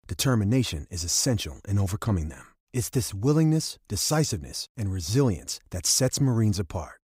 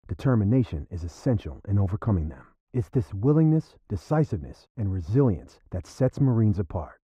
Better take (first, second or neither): first